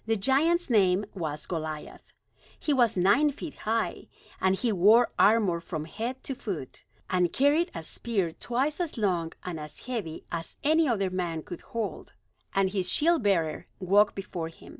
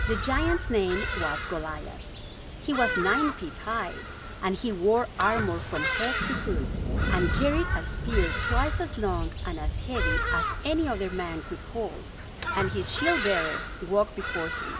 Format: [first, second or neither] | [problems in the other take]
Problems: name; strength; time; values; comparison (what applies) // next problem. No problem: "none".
first | background sound (Thunder + Bird vocalization, bird call, bird song); as loud as the speech